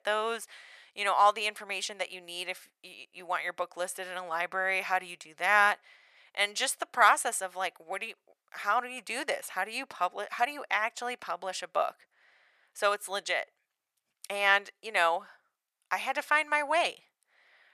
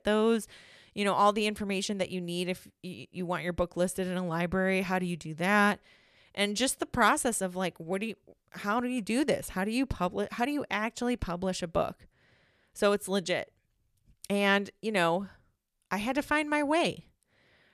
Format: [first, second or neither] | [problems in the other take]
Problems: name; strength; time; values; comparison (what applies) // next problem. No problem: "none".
second | thin; very; fading below 700 Hz